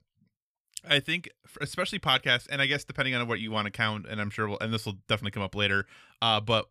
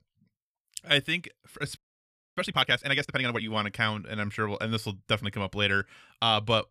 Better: first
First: none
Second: audio freezing; at 2 s for 0.5 s

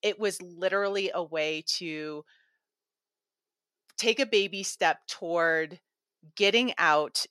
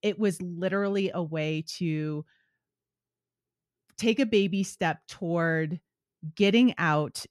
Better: second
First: thin; very; fading below 550 Hz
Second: none

